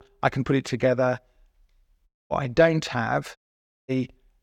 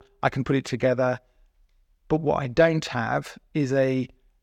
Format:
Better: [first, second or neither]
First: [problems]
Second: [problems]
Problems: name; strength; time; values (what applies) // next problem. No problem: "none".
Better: second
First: audio cutting out; at 2 s and at 3.5 s for 0.5 s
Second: none